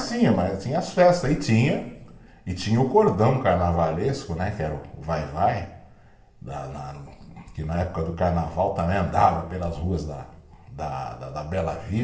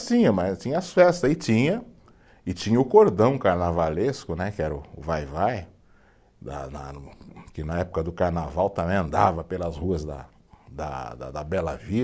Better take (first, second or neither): second